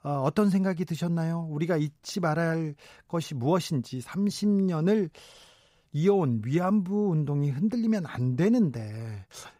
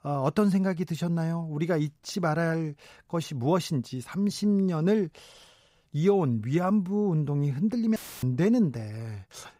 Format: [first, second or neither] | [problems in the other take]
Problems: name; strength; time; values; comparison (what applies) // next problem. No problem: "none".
first | audio cutting out; filled with static; at 8 s